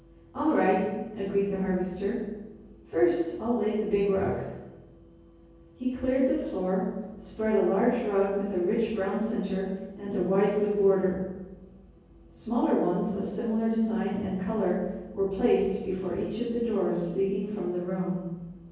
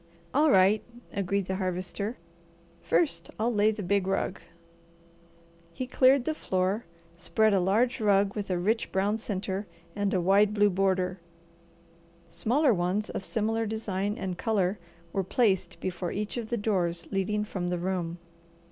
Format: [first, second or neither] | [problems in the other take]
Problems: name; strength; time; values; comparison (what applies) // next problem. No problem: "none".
second | room echo; dies away in 1.3 s